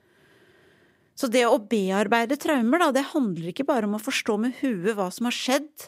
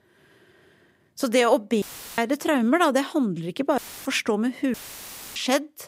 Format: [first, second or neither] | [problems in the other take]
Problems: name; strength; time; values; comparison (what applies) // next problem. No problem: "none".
first | audio cutting out; filled with static; at 2 s, at 4 s and at 4.5 s for 0.5 s